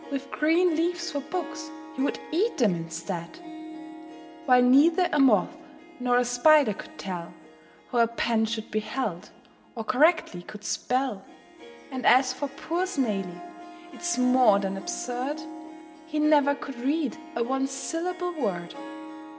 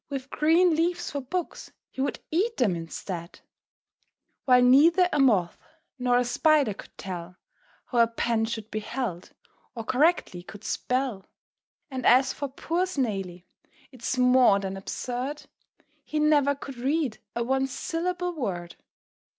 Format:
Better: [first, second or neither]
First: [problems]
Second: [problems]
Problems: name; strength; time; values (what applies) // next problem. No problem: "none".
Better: second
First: background sound (Harp); 16 dB below the speech // room echo; dies away in 1.2 s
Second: none